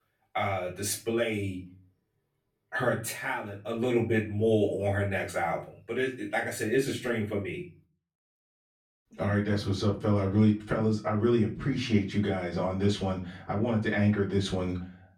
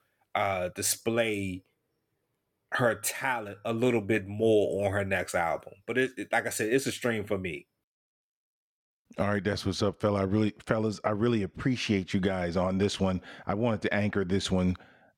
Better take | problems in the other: second | off-mic speech; far // room echo; slight; dies away in 0.3 s

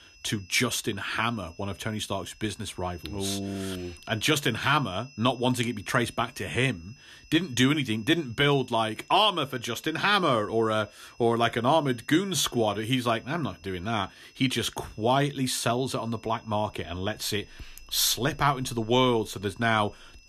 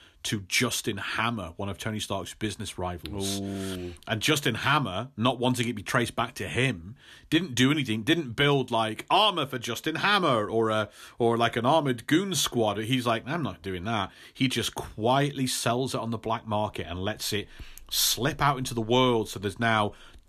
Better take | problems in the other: second | high-pitched whine; faint; throughout; 2.5 kHz, 25 dB below the speech

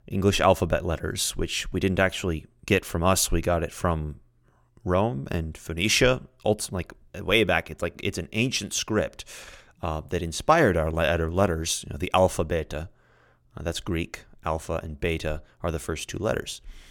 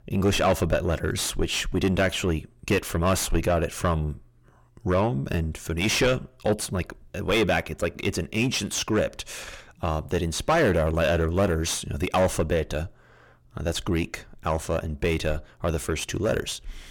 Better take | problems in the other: first | distortion; heavy; 7 dB below the speech

